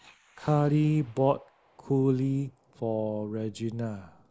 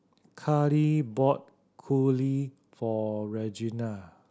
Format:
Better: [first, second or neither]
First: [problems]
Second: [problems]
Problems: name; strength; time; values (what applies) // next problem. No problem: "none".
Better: second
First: noise reduction (neural mask model Resemble Enhance denoiser)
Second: none